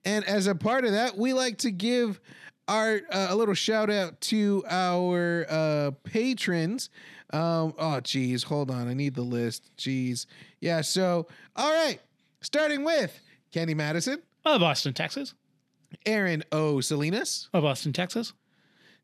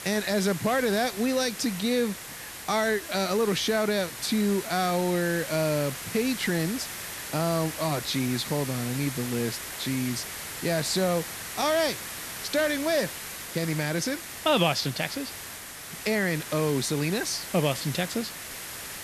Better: first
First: none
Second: hiss; loud; throughout; 8 dB below the speech

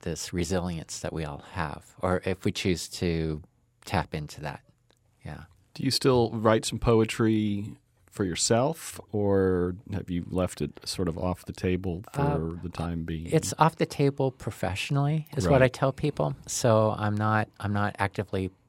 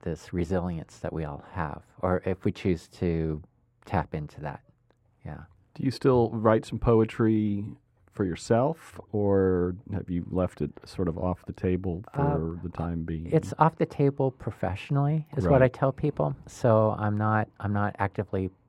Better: first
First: none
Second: muffled; very; fading above 2.5 kHz

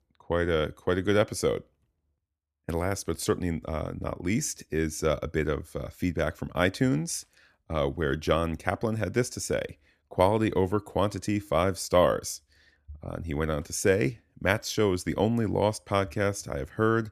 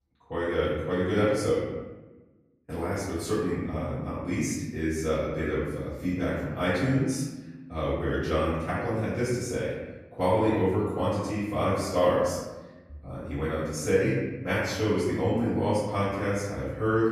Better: first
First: none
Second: room echo; strong; dies away in 1.1 s // off-mic speech; far

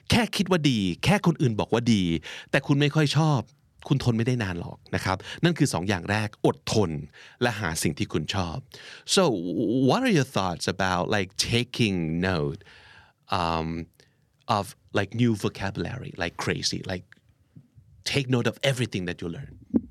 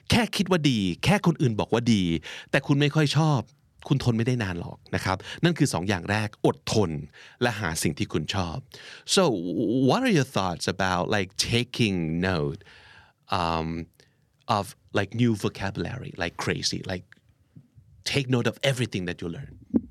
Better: neither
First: none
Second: none

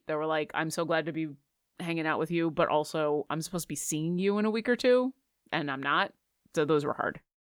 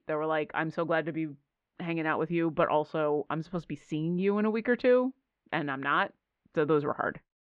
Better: first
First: none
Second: muffled; very; fading above 2.5 kHz

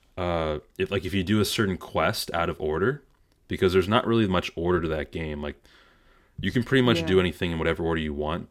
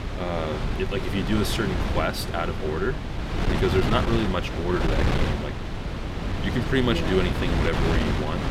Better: first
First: none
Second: wind noise on the microphone; heavy; 3 dB below the speech

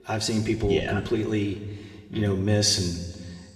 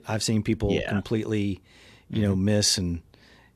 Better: second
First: room echo; slight; dies away in 1.3 s // off-mic speech; somewhat distant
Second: none

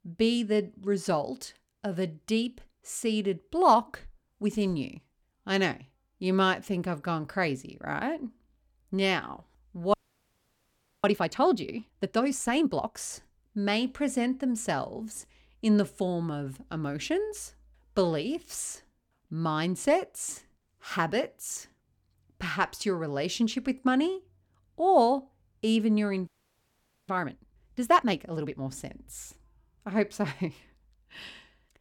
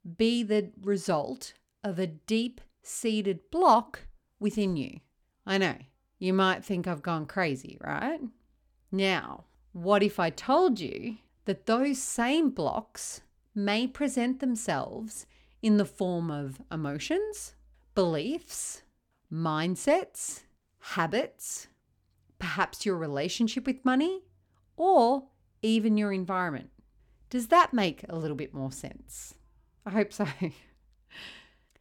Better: second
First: audio freezing; at 10 s for 1 s and at 26 s for 1 s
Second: none

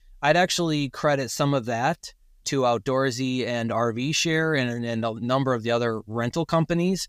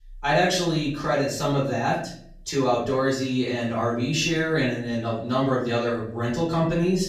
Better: first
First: none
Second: off-mic speech; far // room echo; noticeable; dies away in 0.5 s

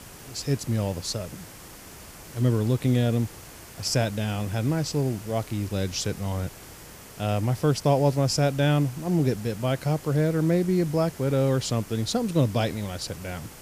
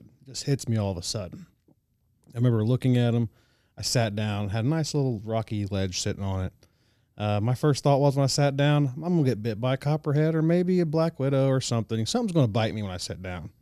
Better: second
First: hiss; noticeable; throughout; 15 dB below the speech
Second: none

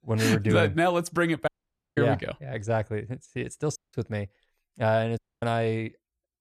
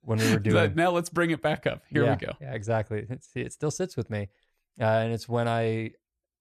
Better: second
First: audio cutting out; at 1.5 s, at 4 s and at 5 s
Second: none

